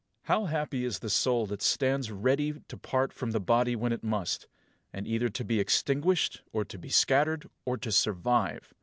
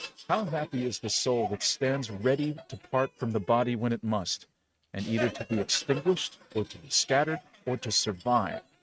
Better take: first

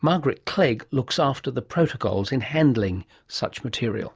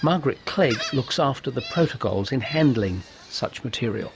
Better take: first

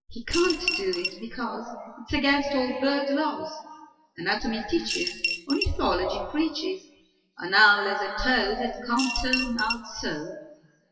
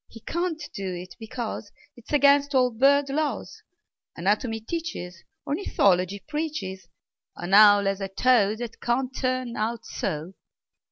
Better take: second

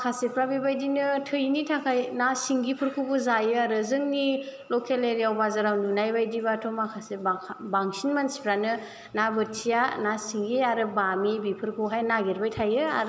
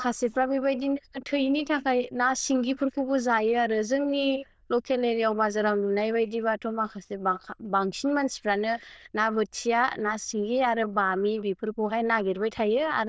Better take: first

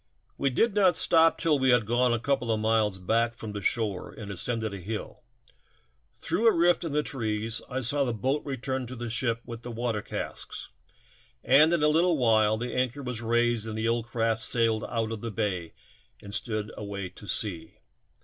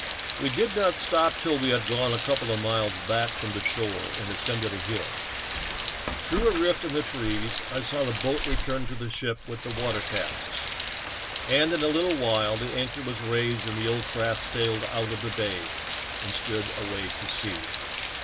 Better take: first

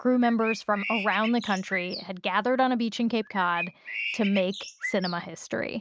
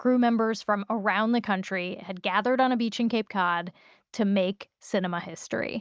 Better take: second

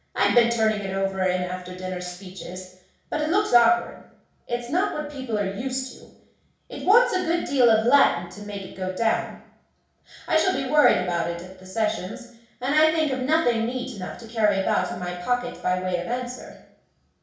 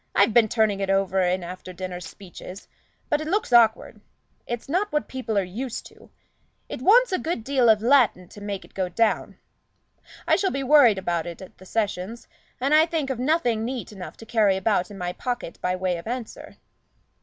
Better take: second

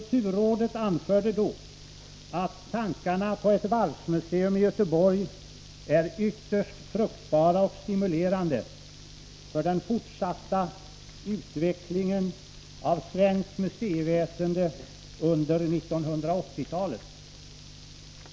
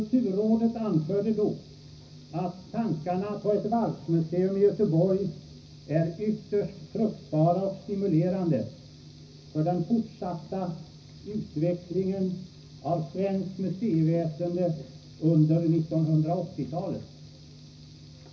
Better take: first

